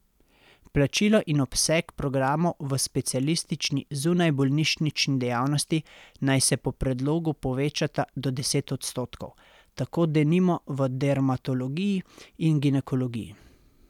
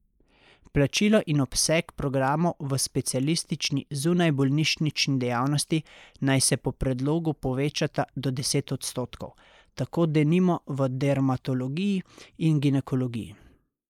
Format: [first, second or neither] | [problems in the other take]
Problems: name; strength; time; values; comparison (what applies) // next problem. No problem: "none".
first | noise reduction (neural mask model Resemble Enhance denoiser)